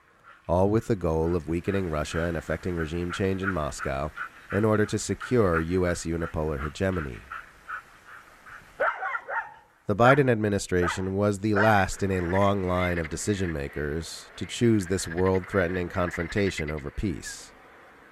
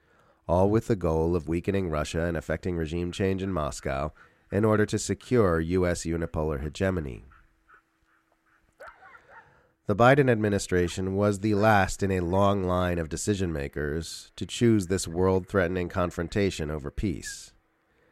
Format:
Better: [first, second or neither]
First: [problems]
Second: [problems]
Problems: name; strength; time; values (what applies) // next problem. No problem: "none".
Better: second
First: animal sounds; loud; throughout; 9 dB below the speech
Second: animal sounds; faint; throughout; 30 dB below the speech